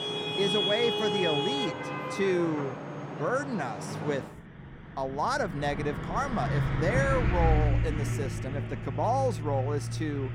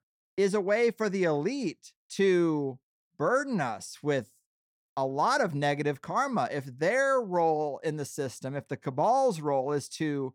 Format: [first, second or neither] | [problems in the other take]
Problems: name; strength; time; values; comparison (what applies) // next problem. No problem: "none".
second | traffic noise; very loud; throughout; as loud as the speech